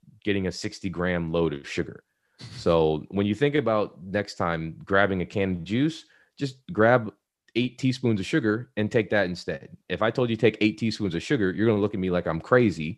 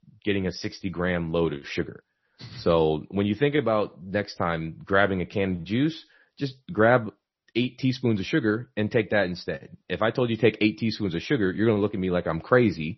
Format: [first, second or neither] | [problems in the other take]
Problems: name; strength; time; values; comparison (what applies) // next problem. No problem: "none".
first | garbled, watery; slightly; nothing above 6 kHz